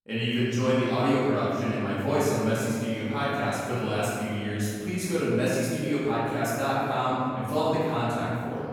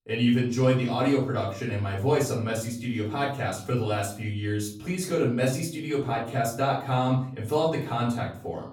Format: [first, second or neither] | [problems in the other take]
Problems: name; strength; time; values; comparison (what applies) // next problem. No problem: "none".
second | room echo; strong; dies away in 2.5 s; slight in the second // off-mic speech; far; far in the second